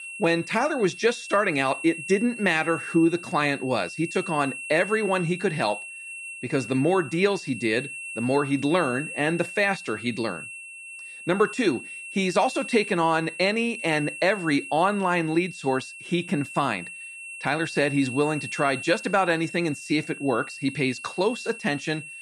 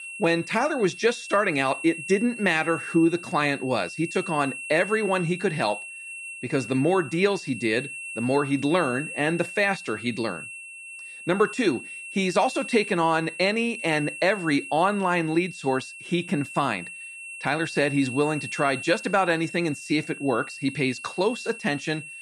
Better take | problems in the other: neither | high-pitched whine; noticeable; throughout; 2.5 kHz, 10 dB below the speech; the same in both

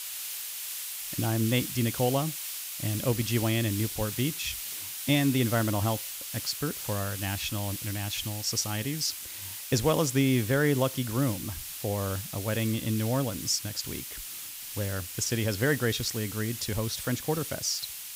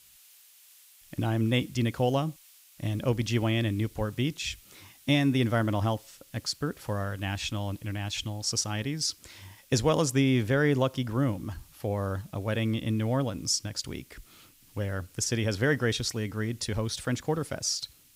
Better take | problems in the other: second | hiss; loud; throughout; 6 dB below the speech; faint in the second

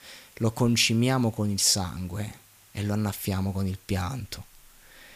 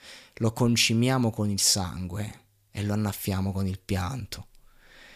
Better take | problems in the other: second | hiss; faint; throughout; 25 dB below the speech

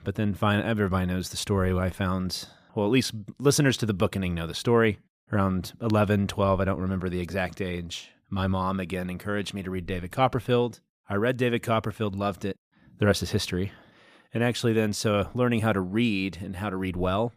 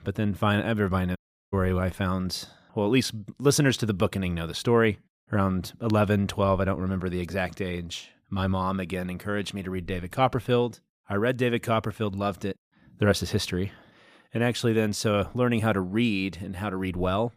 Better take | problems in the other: first | audio cutting out; at 1 s

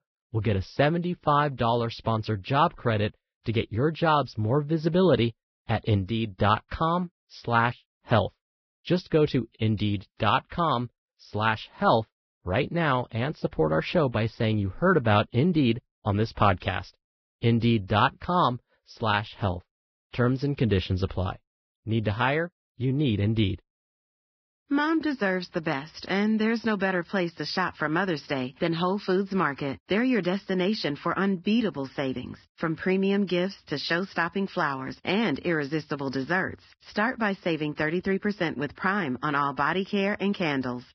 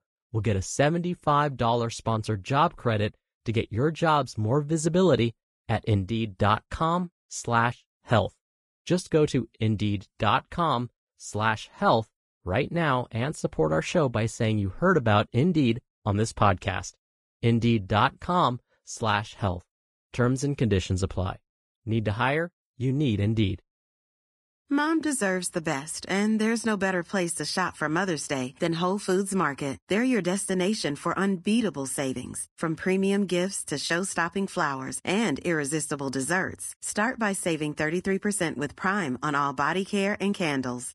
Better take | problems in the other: second | garbled, watery; badly; nothing above 5.5 kHz; slightly in the second

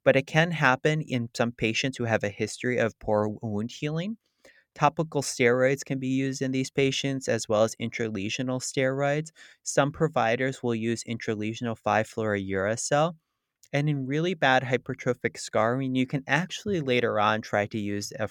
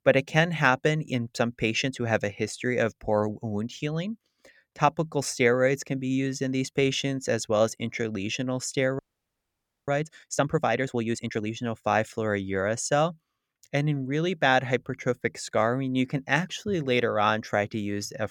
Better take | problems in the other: first | audio freezing; at 9 s for 1 s

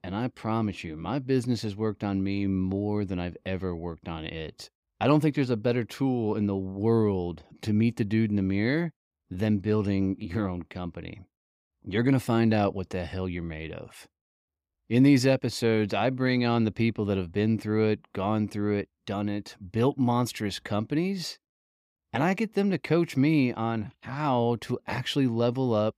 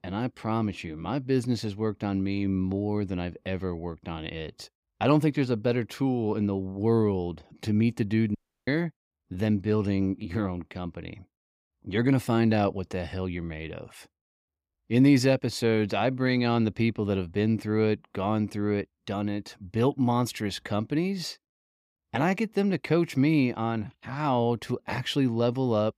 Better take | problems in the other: first | audio cutting out; at 8.5 s

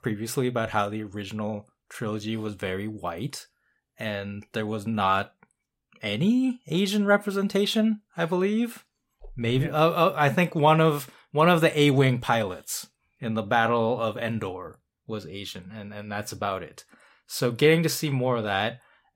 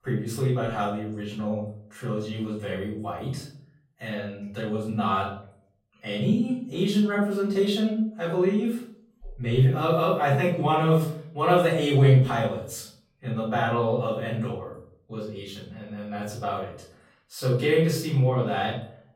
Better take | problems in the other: first | off-mic speech; far // room echo; noticeable; dies away in 0.6 s

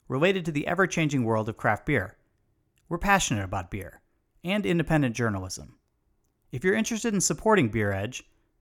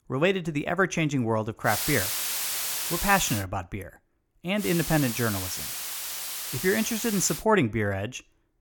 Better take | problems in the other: first | hiss; loud; from 1.5 to 3.5 s and from 4.5 to 7.5 s; 3 dB below the speech

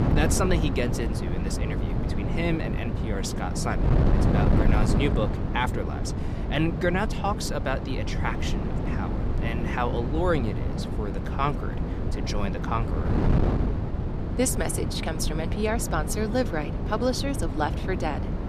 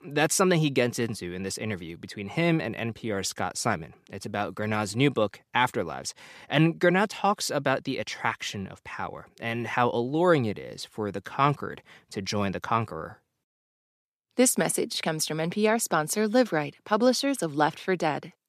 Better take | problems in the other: second | wind noise on the microphone; heavy; 5 dB below the speech

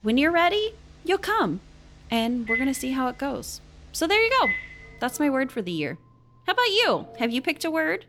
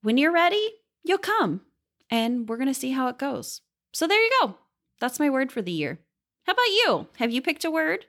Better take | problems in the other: second | alarms or sirens; loud; throughout; 7 dB below the speech

